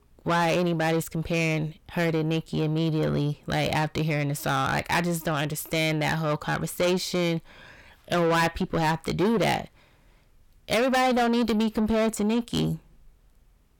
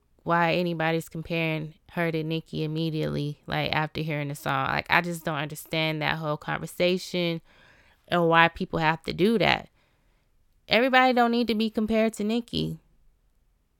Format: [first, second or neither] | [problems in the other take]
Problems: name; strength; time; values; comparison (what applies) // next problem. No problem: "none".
second | distortion; heavy; 6 dB below the speech